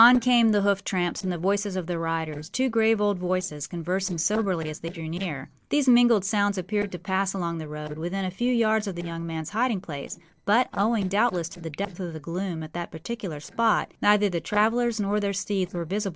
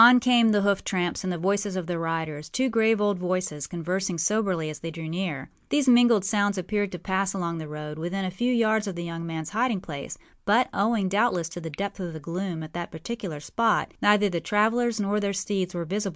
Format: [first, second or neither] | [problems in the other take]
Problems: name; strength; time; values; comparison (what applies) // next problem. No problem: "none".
second | noise reduction (neural separator model SepFormer DNS4)